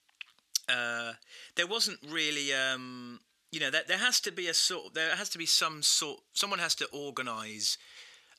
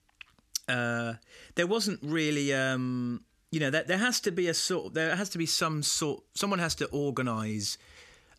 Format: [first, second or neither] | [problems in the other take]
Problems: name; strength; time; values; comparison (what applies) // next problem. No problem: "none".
second | thin; somewhat; fading below 1 kHz